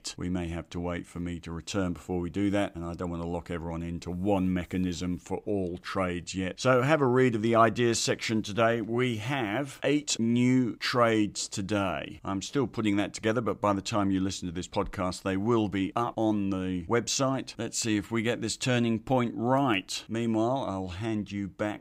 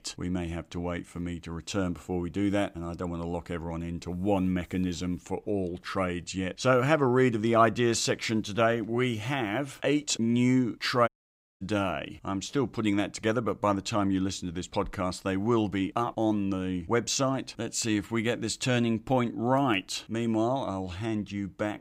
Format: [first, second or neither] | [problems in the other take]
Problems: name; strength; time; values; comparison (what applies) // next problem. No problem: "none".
first | audio cutting out; at 11 s for 0.5 s